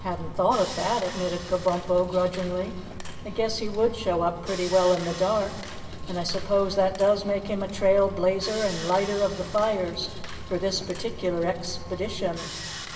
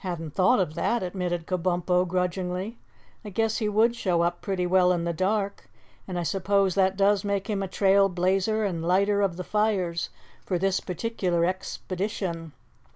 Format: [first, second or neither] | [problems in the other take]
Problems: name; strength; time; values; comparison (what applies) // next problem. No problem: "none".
second | background sound (Sawing); 13 dB below the speech // room echo; dies away in 2.1 s